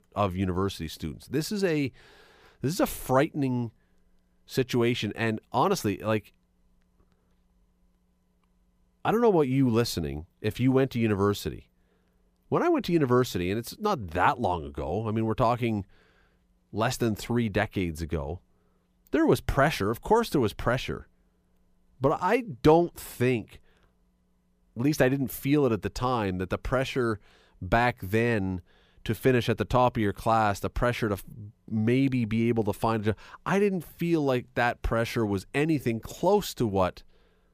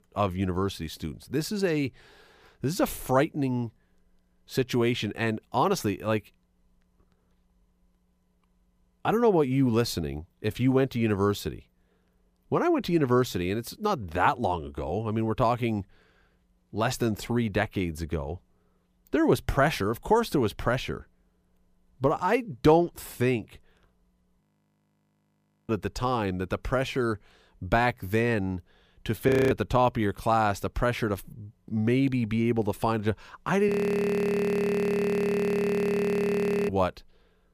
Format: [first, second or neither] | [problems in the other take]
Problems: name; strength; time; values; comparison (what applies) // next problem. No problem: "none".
first | audio freezing; at 24 s for 1.5 s, at 29 s and at 34 s for 3 s